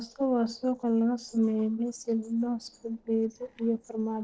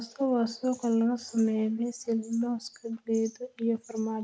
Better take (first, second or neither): second